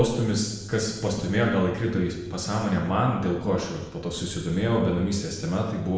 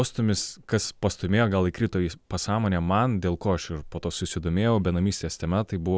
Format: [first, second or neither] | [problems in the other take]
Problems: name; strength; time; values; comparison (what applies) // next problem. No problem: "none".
second | noise reduction (neural separator model SepFormer DNS4)